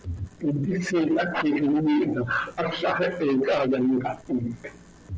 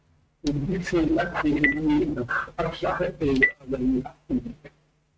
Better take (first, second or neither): first